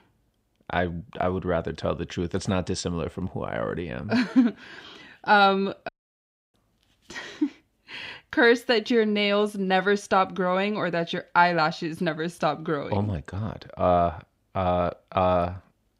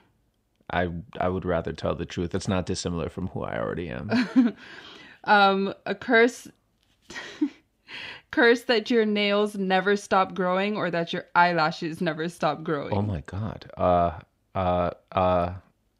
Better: second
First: audio cutting out; at 6 s for 0.5 s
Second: none

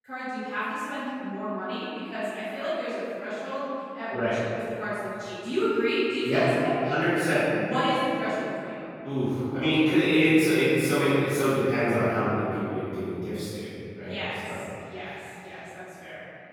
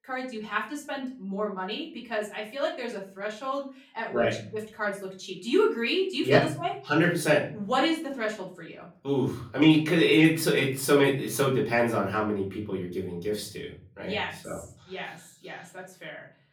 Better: second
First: room echo; strong; dies away in 3 s // off-mic speech; far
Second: room echo; slight; dies away in 0.4 s // off-mic speech; far

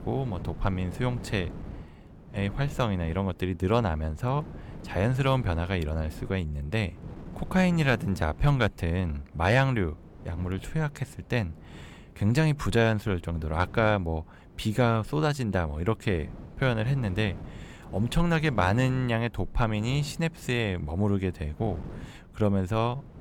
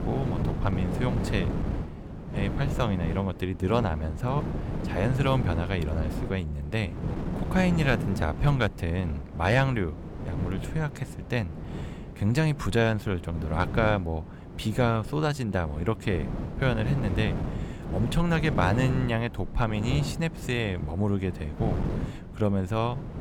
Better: first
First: wind noise on the microphone; occasional gusts; 20 dB below the speech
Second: wind noise on the microphone; heavy; 9 dB below the speech

